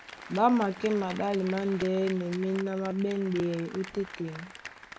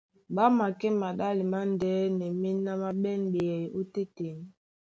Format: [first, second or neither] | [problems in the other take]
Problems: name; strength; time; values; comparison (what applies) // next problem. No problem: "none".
second | background sound (Applause); 15 dB below the speech